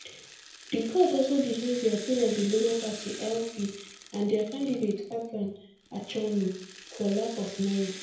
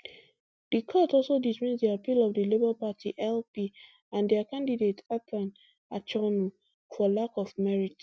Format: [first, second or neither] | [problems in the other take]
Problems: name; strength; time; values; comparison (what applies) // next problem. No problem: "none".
second | background sound (Rattle (instrument)); 15 dB below the speech // room echo; dies away in 0.5 s